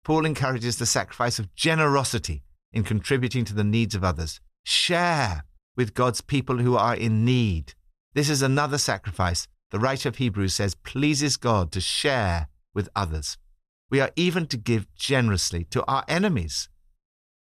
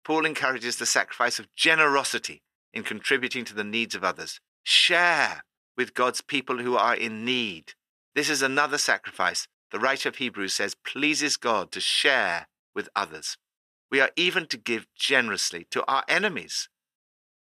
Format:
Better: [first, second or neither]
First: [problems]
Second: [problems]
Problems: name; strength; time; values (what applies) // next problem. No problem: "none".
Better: first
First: none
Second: thin; somewhat; fading below 300 Hz